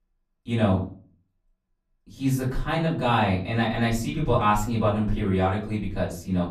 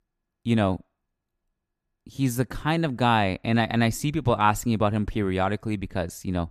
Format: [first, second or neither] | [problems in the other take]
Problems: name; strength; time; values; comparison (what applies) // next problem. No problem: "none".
second | off-mic speech; far // room echo; slight; dies away in 0.4 s